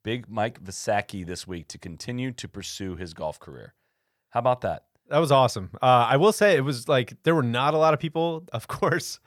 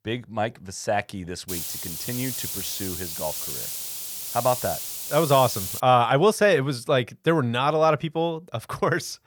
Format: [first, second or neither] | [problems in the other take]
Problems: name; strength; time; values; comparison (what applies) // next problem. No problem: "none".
first | hiss; loud; from 1.5 to 6 s; 6 dB below the speech